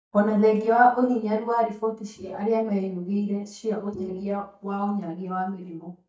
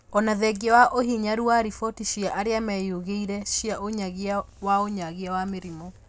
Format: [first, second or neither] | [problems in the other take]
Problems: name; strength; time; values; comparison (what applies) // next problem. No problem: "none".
second | noise reduction (neural mask model DeepFilterNet 3)